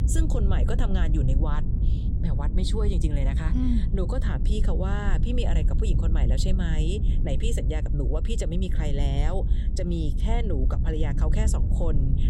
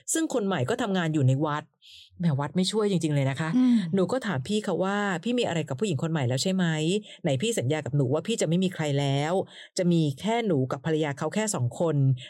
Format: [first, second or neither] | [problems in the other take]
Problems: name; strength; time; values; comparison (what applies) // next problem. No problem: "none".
second | low rumble; loud; throughout; 7 dB below the speech